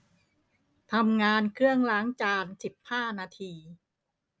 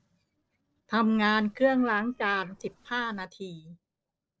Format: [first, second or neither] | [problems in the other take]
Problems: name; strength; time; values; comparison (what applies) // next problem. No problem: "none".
first | noise reduction (neural separator model SepFormer DNS4)